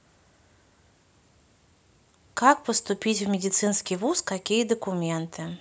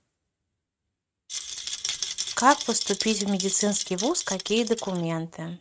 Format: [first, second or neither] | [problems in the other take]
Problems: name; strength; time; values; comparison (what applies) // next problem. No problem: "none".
first | noise reduction (neural mask model RNNoise)